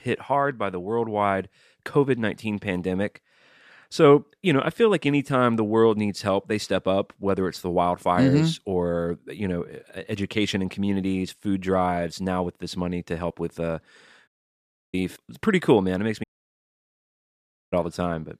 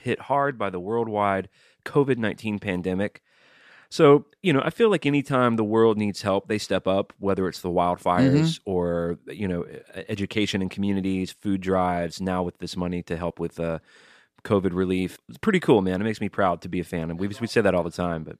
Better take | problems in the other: second | audio cutting out; at 14 s for 0.5 s and at 16 s for 1.5 s

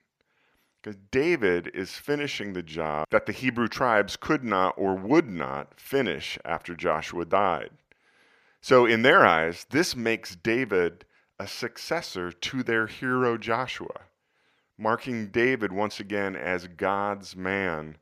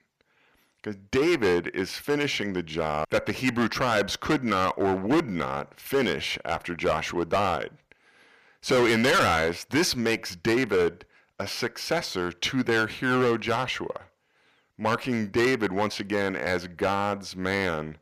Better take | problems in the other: first | distortion; heavy; 8% of the sound clipped

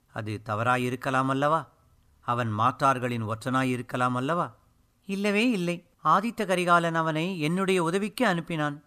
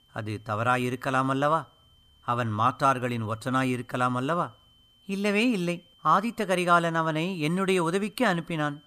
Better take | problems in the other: first | high-pitched whine; faint; throughout; 3 kHz, 35 dB below the speech

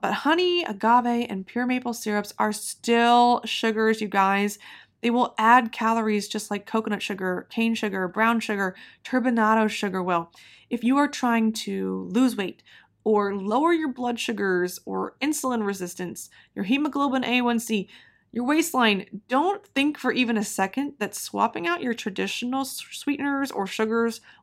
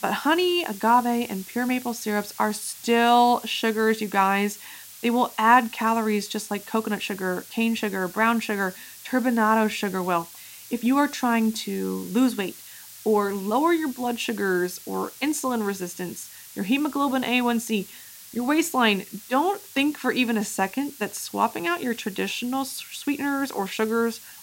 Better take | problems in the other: first | hiss; noticeable; throughout; 15 dB below the speech

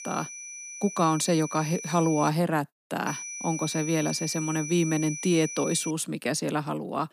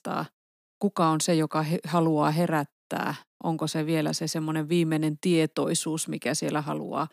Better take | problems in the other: second | high-pitched whine; loud; until 2.5 s and from 3 to 6 s; 6 kHz, 8 dB below the speech

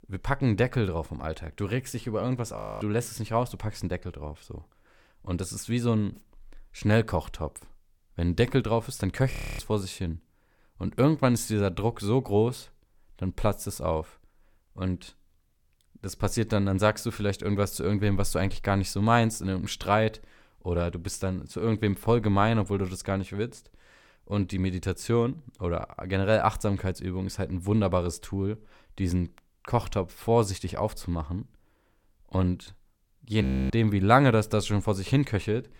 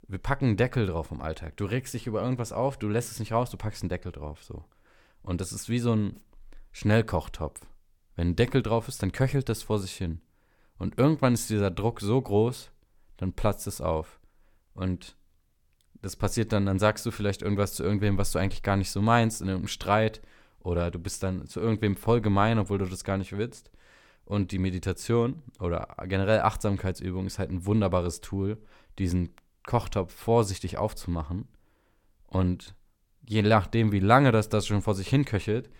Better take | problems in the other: second | audio freezing; at 2.5 s, at 9.5 s and at 33 s

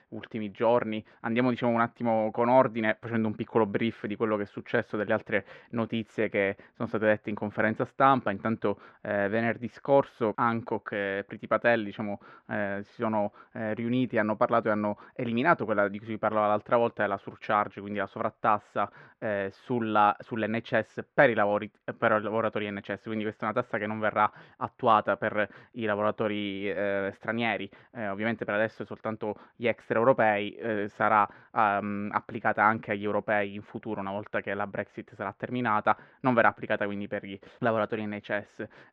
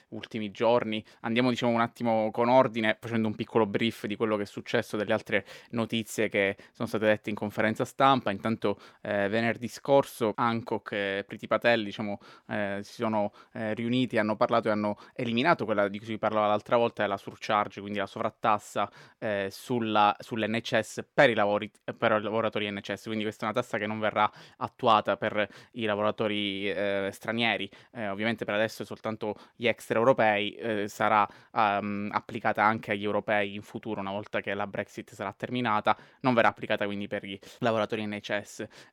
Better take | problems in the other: second | muffled; very; fading above 2 kHz

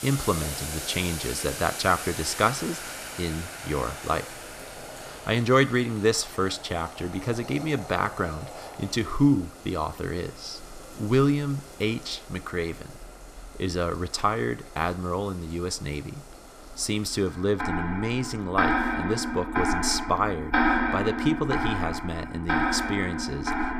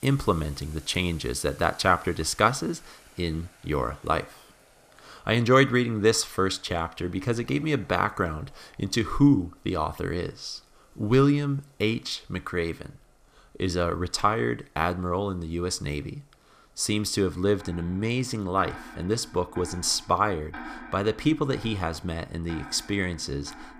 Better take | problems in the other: second | household noises; loud; throughout; 3 dB below the speech; faint in the second

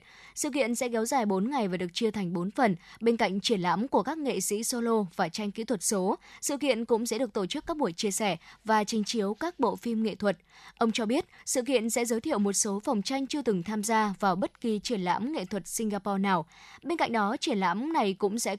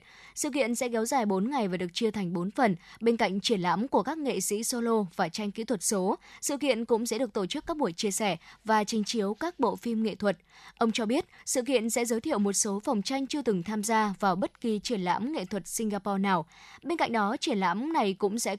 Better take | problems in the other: neither | none

